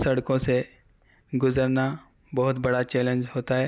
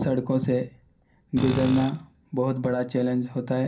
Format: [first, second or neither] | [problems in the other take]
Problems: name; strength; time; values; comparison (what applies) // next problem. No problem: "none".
first | background sound (Tools); 8 dB below the speech // room echo; dies away in 0.3 s